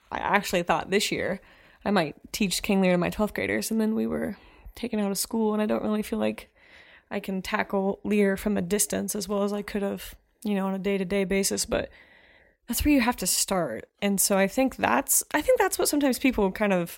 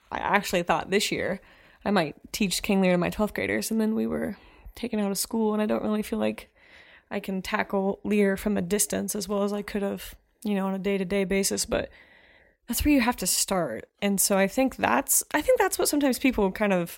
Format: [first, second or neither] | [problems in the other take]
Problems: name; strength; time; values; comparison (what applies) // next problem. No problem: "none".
neither | none